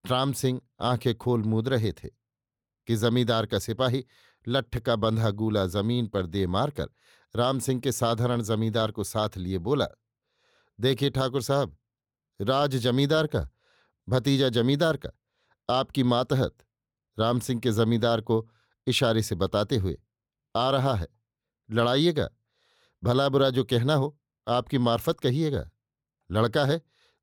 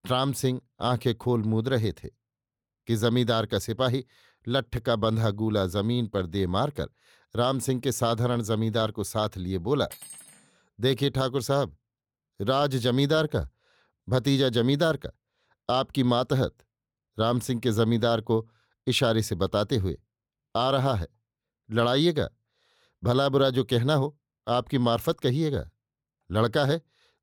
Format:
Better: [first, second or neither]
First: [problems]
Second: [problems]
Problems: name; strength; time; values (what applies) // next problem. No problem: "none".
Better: first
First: none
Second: clattering dishes; faint; at 10 s; peak 15 dB below the speech